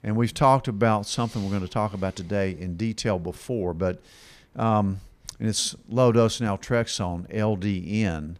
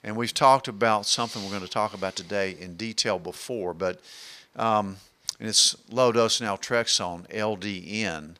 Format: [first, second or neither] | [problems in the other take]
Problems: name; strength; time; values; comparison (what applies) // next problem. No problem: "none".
first | thin; somewhat; fading below 750 Hz